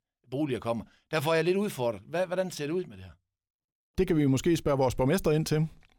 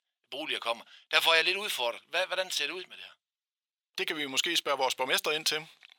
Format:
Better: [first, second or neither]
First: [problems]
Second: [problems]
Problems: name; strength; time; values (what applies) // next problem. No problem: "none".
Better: first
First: none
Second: thin; very; fading below 850 Hz